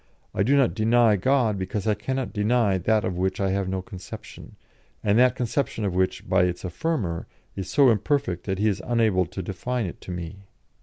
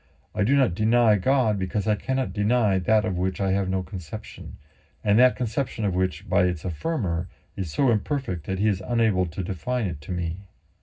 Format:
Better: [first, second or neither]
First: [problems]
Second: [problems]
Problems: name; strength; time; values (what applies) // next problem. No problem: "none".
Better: first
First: none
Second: room echo; dies away in 0.4 s